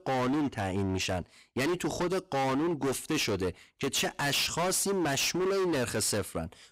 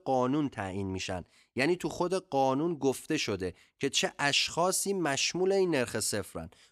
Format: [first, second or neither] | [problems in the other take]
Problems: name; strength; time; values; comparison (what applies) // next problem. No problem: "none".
second | distortion; heavy; 28% of the sound clipped